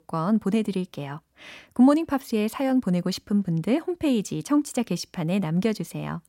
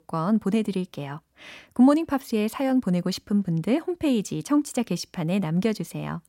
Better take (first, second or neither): neither